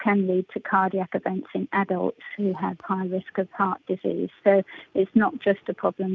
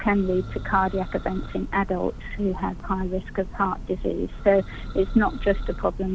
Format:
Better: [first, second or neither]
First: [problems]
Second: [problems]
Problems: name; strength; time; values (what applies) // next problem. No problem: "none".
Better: first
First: none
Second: background sound (Church bell); 8 dB below the speech